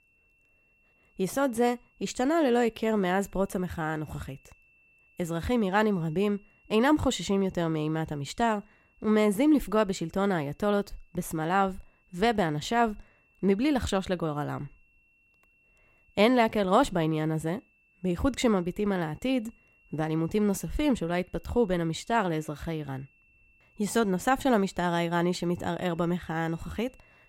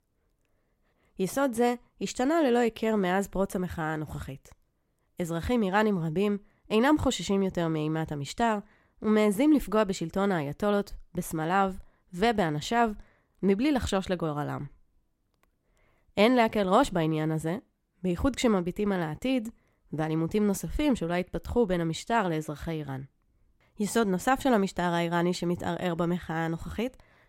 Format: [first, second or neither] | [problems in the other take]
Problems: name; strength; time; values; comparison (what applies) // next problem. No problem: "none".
second | high-pitched whine; faint; throughout; 2.5 kHz, 35 dB below the speech